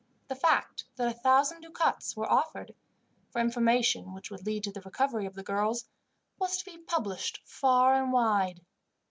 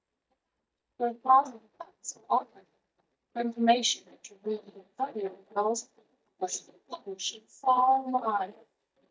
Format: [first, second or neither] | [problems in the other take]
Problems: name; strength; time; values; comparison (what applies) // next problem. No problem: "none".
first | noise reduction (neural mask model DeepFilterNet 3)